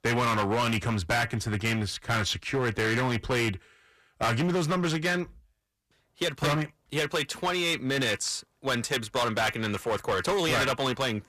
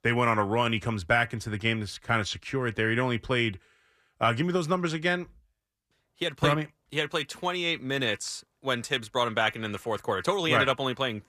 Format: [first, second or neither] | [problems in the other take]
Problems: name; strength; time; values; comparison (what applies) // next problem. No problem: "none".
second | distortion; heavy; 15% of the sound clipped